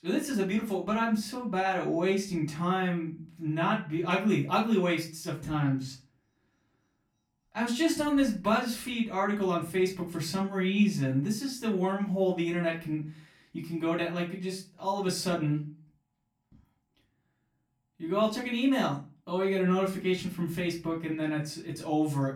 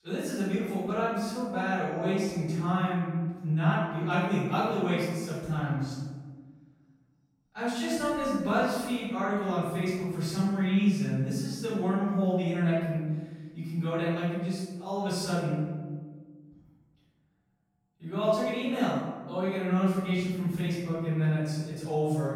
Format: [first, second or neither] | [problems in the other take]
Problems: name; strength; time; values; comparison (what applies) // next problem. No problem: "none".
first | room echo; strong; dies away in 1.3 s; slight in the first // off-mic speech; far; far in the first